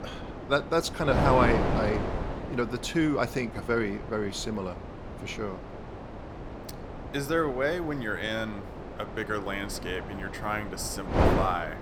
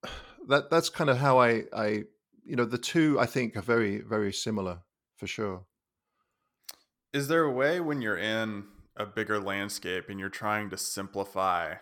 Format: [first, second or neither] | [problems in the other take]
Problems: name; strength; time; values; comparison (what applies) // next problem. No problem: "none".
second | wind noise on the microphone; heavy; 6 dB below the speech